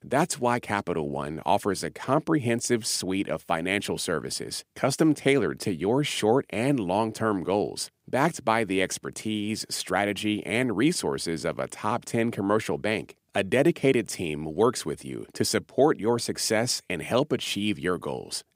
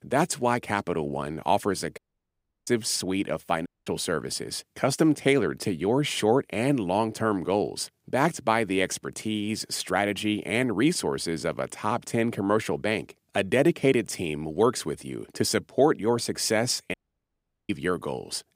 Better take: first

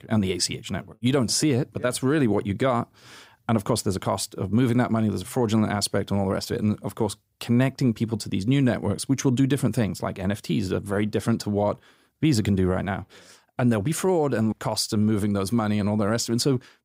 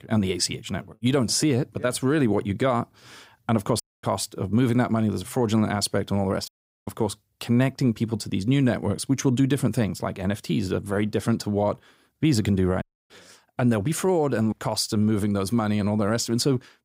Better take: first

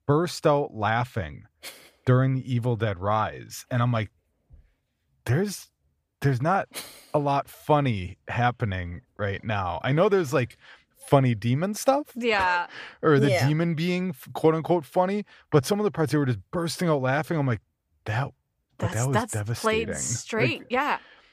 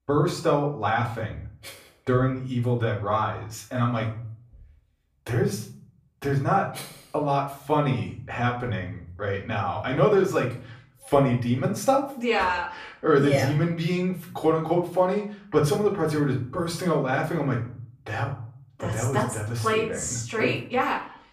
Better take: first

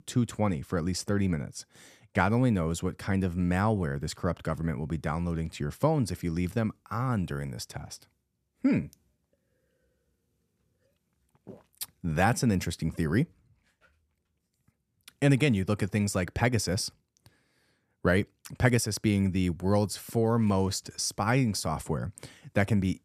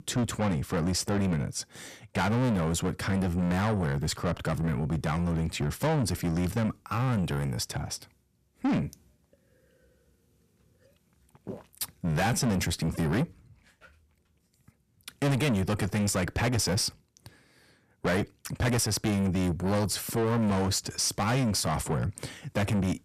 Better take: first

